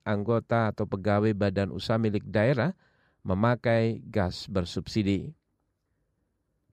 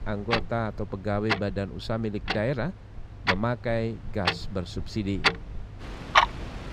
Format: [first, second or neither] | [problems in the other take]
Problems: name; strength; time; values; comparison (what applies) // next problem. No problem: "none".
first | household noises; very loud; throughout; 3 dB above the speech